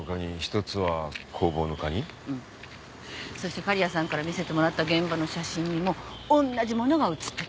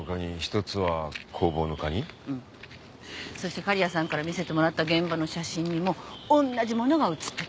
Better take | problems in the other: second | background sound (Truck); 17 dB below the speech

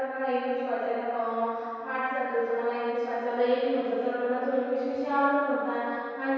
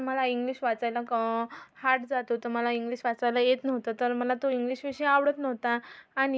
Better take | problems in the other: second | room echo; dies away in 2.2 s

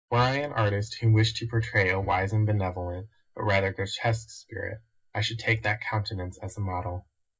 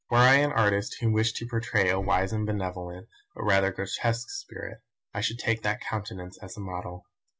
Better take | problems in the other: second | noise reduction (neural mask model DeepFilterNet 3)

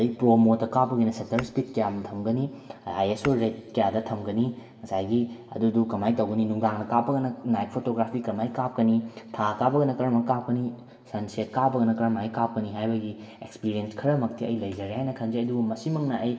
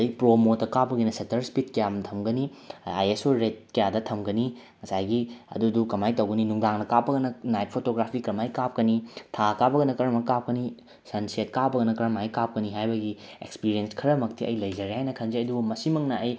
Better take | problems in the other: second | background sound (Tap / Glass); 18 dB below the speech // room echo; dies away in 3 s

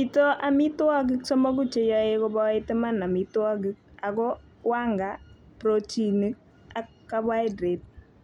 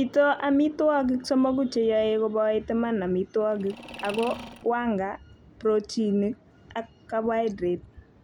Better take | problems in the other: first | background sound (Mechanisms); 16 dB below the speech

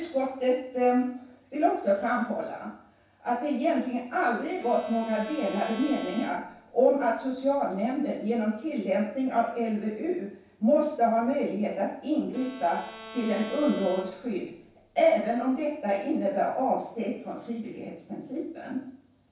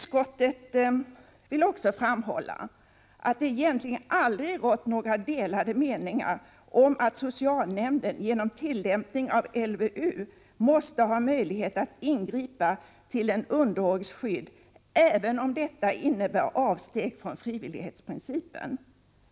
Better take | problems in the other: second | background sound (Bowed string instrument); 17 dB below the speech // room echo; dies away in 0.7 s

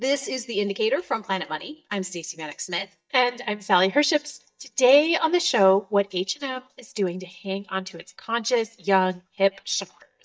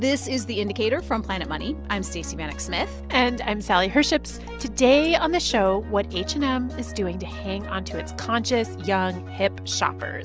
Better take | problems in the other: second | noise reduction (neural mask model DeepFilterNet 3)

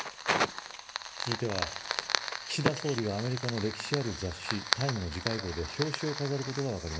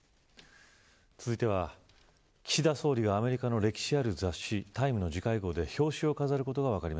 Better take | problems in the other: second | background sound (Fire); 1 dB below the speech // room echo; dies away in 1.3 s

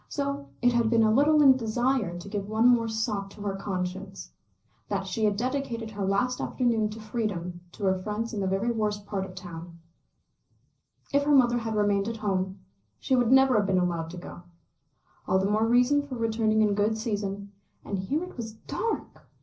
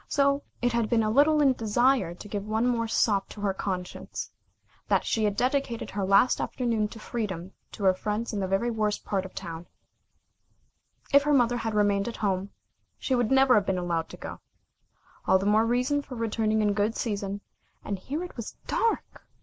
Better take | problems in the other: second | room echo; dies away in 0.5 s

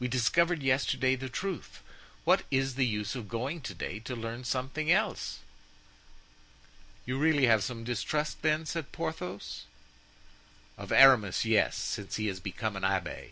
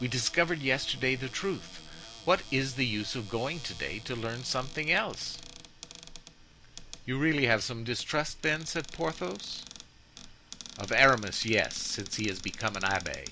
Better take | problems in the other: first | background sound (Cupboard open or close); 16 dB below the speech

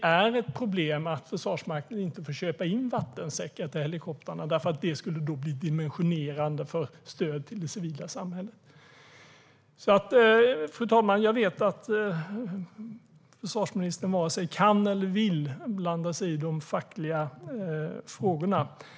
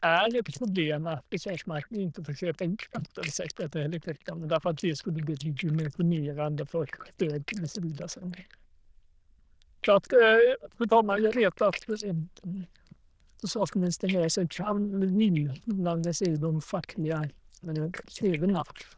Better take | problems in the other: first | noise reduction (neural diffusion model UNIVERSE++)

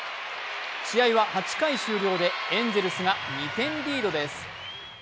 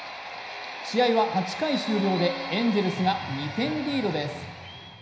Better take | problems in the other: first | background sound (Acoustic guitar); 19 dB below the speech // room echo; dies away in 0.9 s

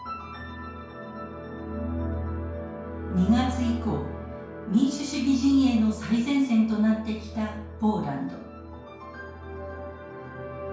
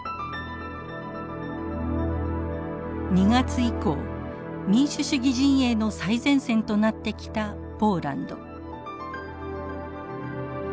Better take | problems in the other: second | room echo; dies away in 0.5 s

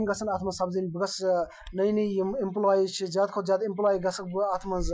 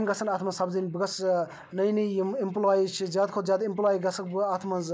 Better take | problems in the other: second | noise reduction (classical method Wiener filter)

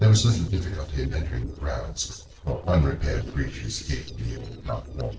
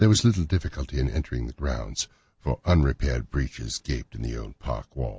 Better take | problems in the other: second | noise reduction (neural separator model SepFormer DNS4)

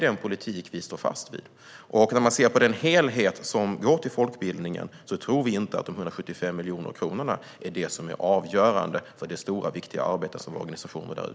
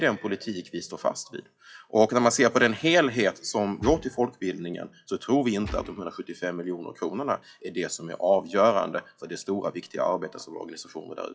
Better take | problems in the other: first | noise reduction (classical method WPE with log-MMSE)

